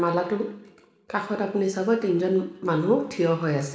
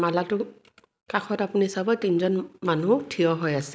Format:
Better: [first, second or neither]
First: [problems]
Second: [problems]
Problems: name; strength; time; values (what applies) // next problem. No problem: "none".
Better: second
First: room echo; dies away in 1 s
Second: none